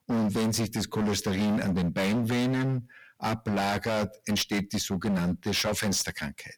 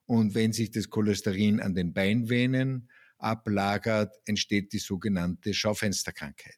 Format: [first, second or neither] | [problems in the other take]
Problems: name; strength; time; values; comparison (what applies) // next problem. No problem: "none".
second | distortion; heavy; 25% of the sound clipped